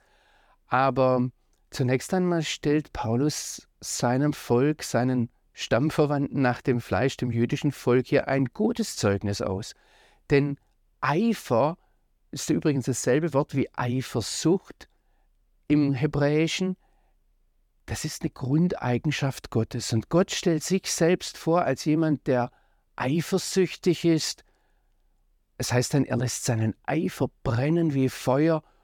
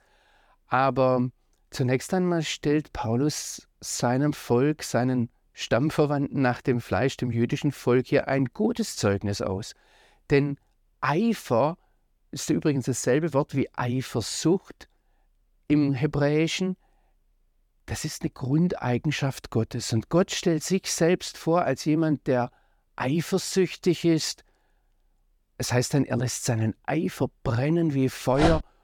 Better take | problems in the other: first | dog barking; noticeable; at 28 s; peak 2 dB below the speech

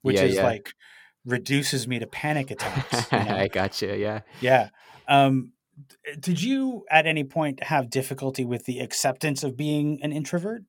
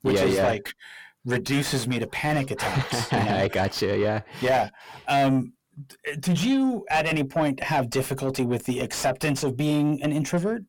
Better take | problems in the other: first | distortion; heavy; 6 dB below the speech

